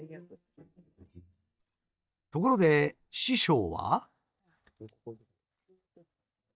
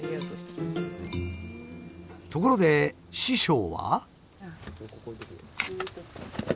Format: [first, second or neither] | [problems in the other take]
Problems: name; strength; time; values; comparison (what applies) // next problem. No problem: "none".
second | noise reduction (neural mask model DeepFilterNet 3)